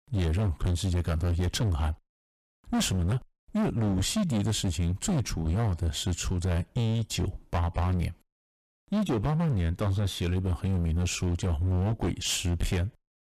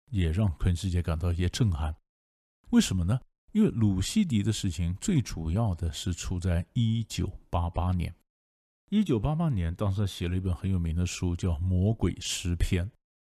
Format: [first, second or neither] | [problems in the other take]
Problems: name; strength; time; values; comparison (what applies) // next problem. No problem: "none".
second | distortion; heavy; 25% of the sound clipped